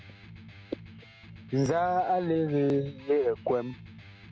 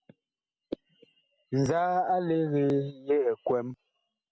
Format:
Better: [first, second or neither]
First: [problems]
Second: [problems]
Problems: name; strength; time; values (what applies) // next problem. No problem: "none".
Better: second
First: background sound (Electric guitar); 19 dB below the speech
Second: none